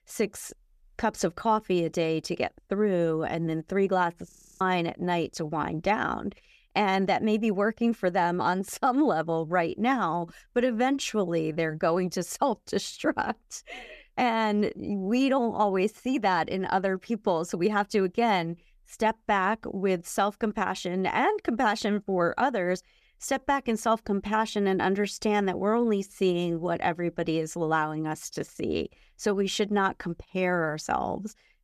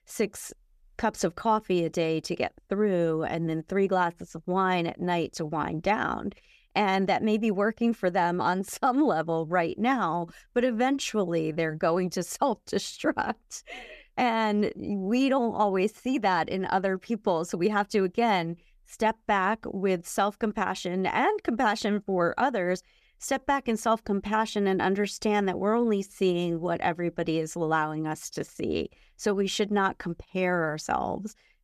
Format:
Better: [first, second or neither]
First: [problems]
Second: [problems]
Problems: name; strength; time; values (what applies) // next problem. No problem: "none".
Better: second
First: audio freezing; at 4.5 s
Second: none